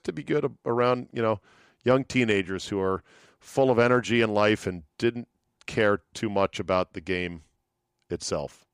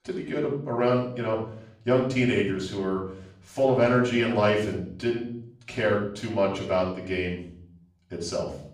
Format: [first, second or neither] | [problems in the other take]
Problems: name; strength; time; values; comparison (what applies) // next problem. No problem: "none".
first | off-mic speech; far // room echo; noticeable; dies away in 0.7 s